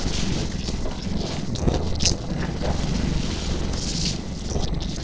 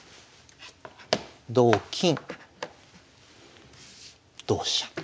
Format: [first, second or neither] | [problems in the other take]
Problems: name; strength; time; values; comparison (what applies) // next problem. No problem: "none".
second | noise reduction (neural separator model SepFormer DNS4)